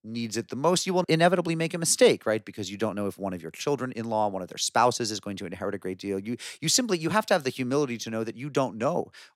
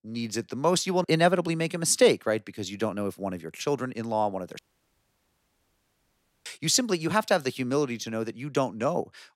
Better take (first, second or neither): first